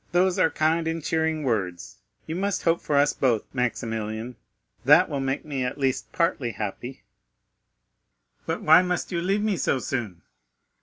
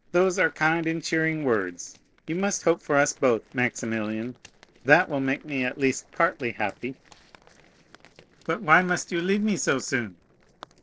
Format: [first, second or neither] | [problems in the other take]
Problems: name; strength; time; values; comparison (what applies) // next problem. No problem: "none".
first | noise reduction (neural separator model SepFormer DNS4)